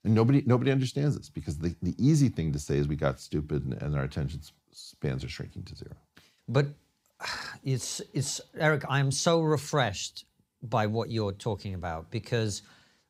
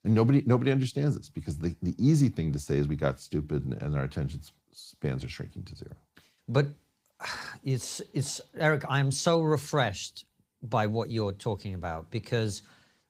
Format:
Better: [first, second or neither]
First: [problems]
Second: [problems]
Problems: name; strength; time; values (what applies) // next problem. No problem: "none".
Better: first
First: none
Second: garbled, watery; slightly; nothing above 15.5 kHz